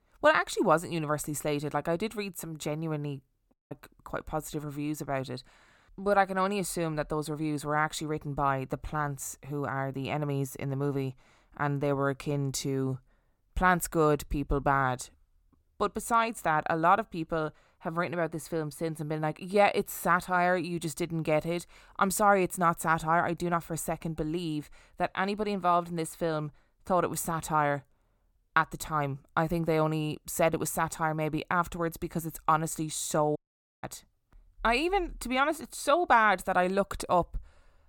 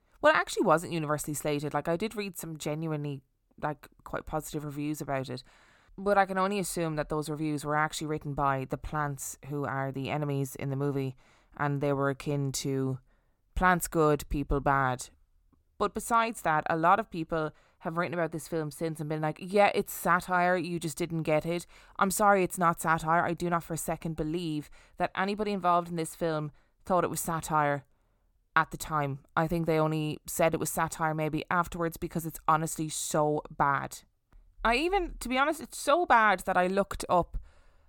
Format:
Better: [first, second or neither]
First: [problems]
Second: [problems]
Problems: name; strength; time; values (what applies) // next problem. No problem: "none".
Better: second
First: audio cutting out; at 3.5 s and at 33 s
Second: none